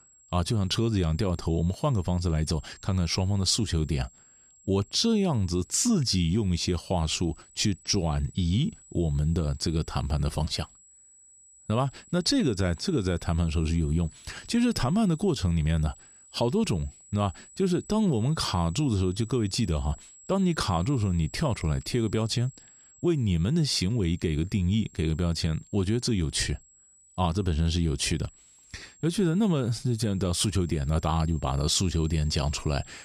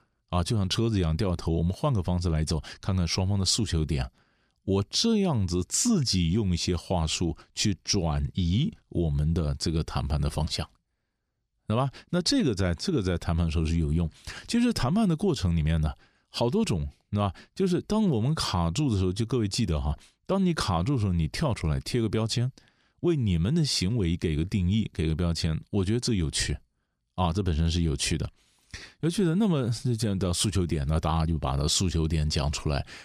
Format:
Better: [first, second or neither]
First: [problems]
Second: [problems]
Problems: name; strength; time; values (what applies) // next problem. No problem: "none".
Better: second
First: high-pitched whine; faint; throughout; 8 kHz, 25 dB below the speech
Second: none